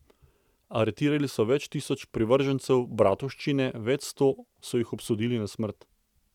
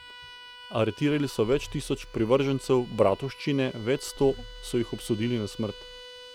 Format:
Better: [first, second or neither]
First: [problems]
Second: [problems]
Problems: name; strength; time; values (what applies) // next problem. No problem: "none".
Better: first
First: none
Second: background sound (Engine starting / Car + Bowed string instrument); 17 dB below the speech